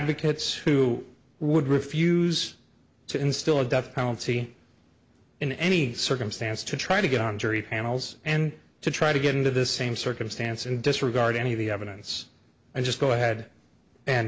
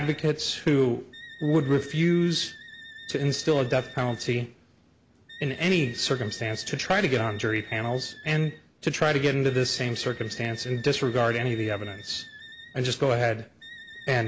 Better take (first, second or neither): first